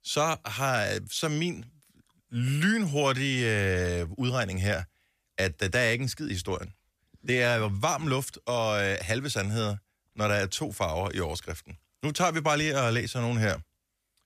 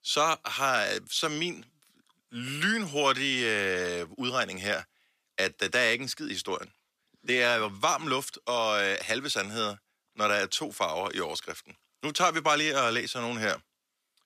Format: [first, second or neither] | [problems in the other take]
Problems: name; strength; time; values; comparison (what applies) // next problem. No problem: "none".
first | thin; somewhat; fading below 300 Hz